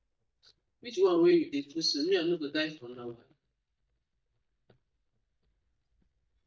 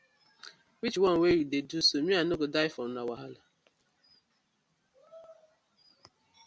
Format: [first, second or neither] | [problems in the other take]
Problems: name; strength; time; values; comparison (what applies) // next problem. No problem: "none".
second | noise reduction (neural mask model DeepFilterNet 3)